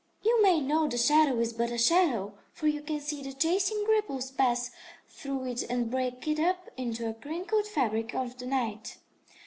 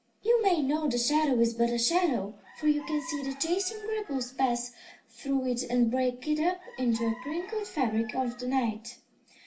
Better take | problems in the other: first | background sound (Chicken, rooster); 20 dB below the speech // room echo; dies away in 0.2 s

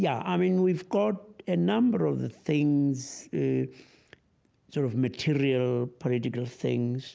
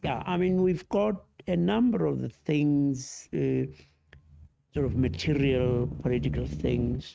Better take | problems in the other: first | noise reduction (neural mask model RNNoise)

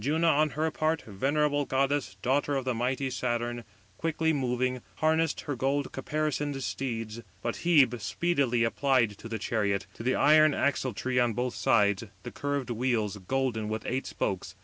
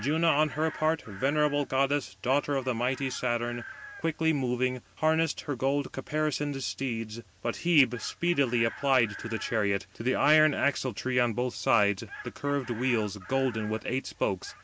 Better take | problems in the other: first | background sound (Chicken, rooster); 19 dB below the speech

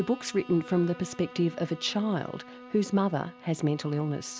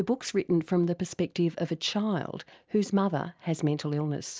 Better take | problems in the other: second | background sound (Wind instrument, woodwind instrument + Bowed string instrument); 18 dB below the speech

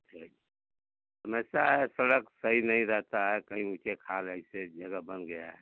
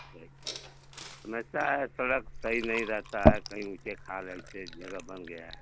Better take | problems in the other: first | background sound (Liquid); 2 dB above the speech

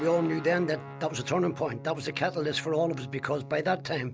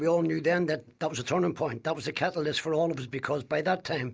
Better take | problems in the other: second | background sound (Guitar); 13 dB below the speech

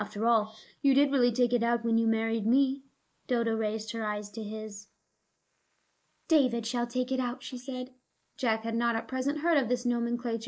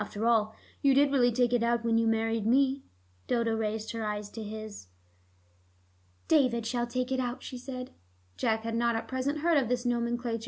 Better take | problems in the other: second | noise reduction (neural mask model Resemble Enhance denoiser)

